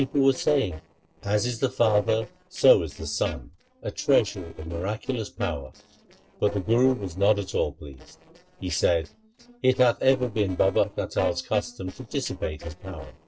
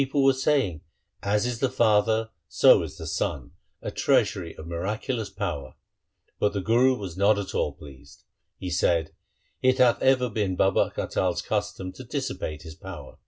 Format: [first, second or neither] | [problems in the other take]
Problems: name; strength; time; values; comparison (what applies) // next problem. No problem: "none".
second | noise reduction (neural separator model SepFormer DNS4)